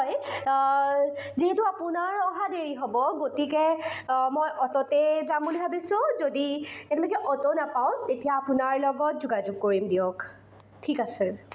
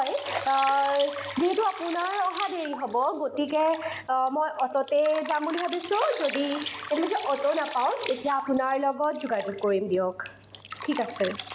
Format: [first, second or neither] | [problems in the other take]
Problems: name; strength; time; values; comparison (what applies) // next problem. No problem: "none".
first | background sound (Drip); 12 dB below the speech